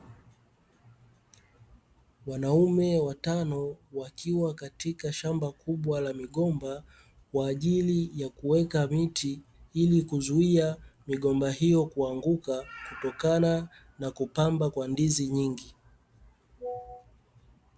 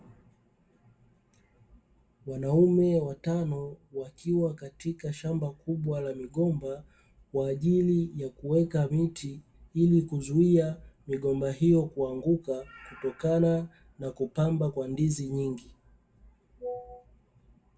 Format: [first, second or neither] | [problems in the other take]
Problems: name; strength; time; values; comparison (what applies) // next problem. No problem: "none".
first | room echo; dies away in 0.1 s